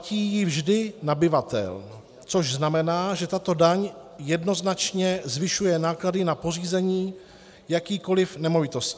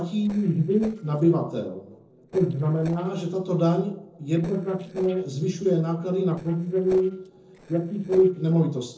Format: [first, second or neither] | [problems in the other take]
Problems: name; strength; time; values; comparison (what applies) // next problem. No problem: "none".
first | noise reduction (neural separator model SepFormer DNS4)